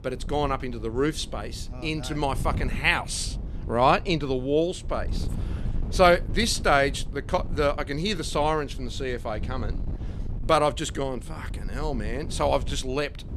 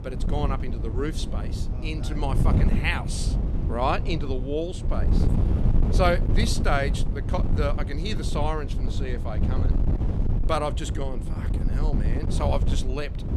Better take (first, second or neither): first